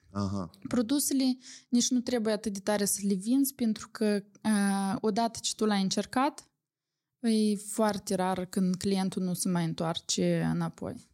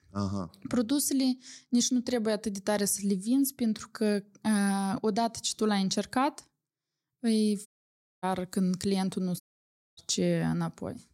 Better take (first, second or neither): first